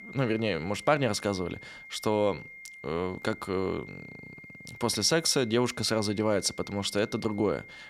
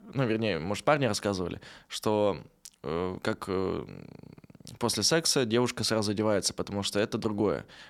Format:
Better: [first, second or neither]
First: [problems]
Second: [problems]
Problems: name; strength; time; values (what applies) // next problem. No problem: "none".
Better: second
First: high-pitched whine; noticeable; throughout; 2 kHz, 15 dB below the speech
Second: none